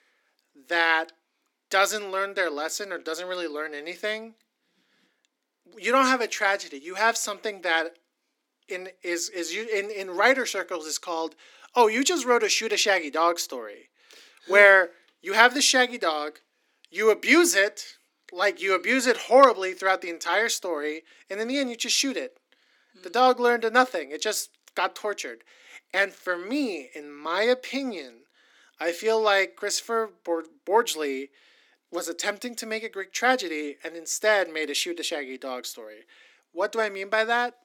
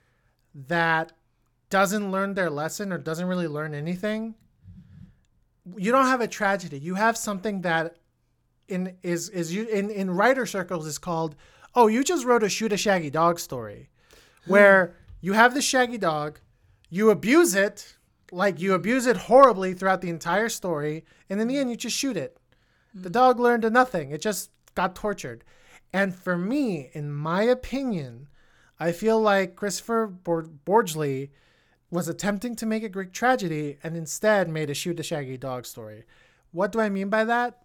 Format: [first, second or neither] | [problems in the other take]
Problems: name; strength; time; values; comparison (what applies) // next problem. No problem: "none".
second | thin; very slightly; fading below 250 Hz